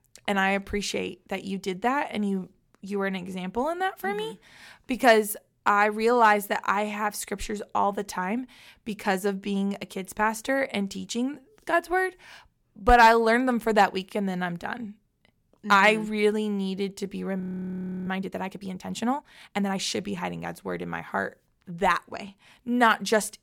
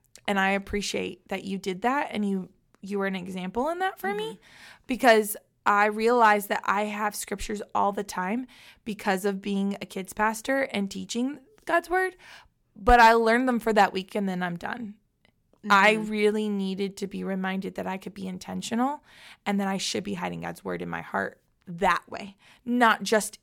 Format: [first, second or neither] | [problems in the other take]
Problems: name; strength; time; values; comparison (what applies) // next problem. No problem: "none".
second | audio freezing; at 17 s for 0.5 s